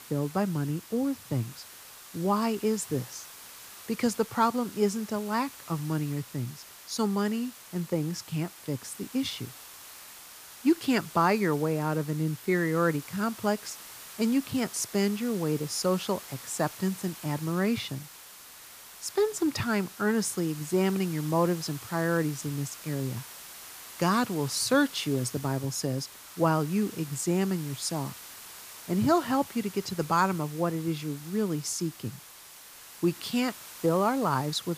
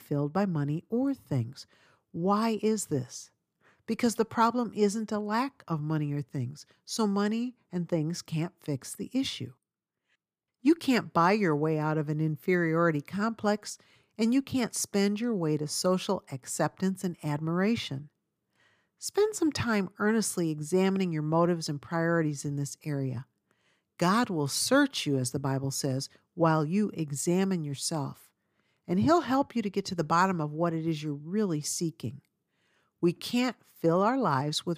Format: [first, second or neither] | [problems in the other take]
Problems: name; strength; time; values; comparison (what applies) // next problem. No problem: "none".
second | hiss; noticeable; throughout; 15 dB below the speech